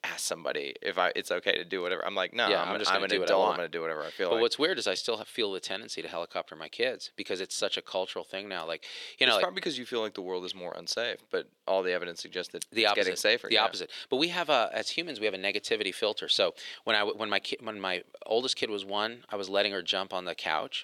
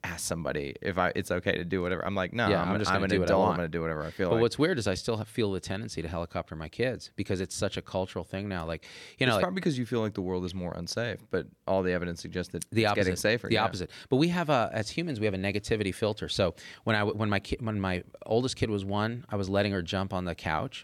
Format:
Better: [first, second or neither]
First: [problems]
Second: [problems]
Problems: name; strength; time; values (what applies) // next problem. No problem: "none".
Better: second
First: thin; somewhat; fading below 450 Hz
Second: none